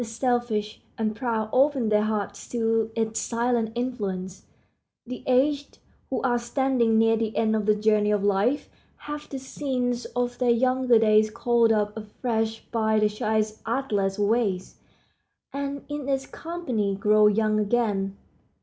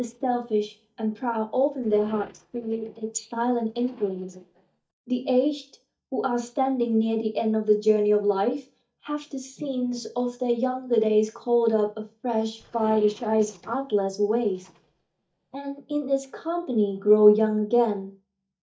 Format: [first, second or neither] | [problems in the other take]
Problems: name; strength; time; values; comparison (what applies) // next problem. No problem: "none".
first | noise reduction (neural mask model DeepFilterNet 3)